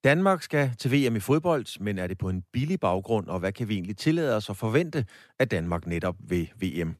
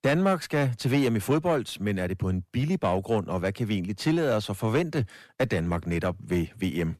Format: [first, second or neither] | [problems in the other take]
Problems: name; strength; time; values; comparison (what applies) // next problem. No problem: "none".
first | distortion; slight; 10 dB below the speech